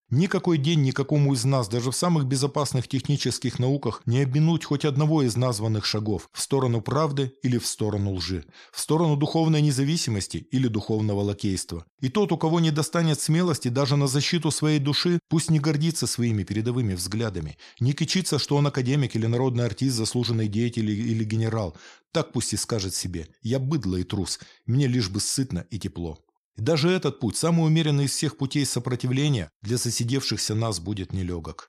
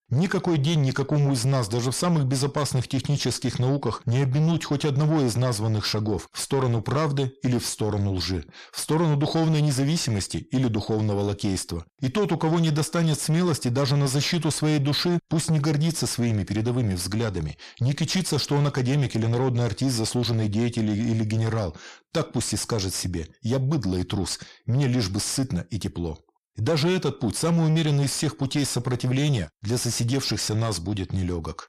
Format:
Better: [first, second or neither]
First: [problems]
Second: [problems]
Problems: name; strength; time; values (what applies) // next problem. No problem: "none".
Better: first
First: none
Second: distortion; slight; 10 dB below the speech